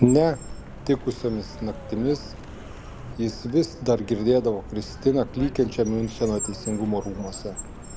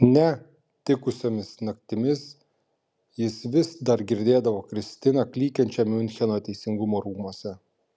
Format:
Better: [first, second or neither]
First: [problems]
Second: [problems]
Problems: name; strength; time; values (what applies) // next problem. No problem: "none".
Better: second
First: background sound (Car); 12 dB below the speech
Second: none